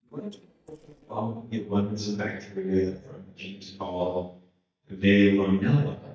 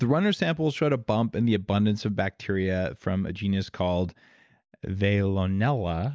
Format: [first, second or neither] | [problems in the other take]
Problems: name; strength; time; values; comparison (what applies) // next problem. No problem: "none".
second | noise reduction (neural mask model DeepFilterNet 3)